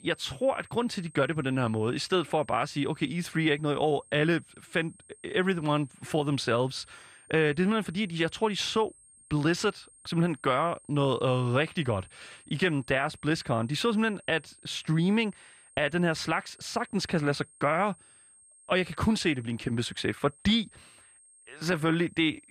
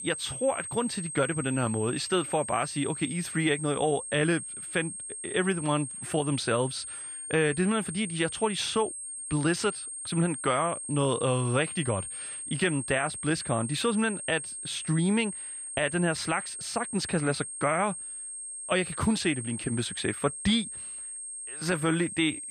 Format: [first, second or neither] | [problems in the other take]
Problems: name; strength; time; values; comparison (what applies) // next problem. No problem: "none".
first | high-pitched whine; loud; throughout; 8.5 kHz, 7 dB below the speech; faint in the first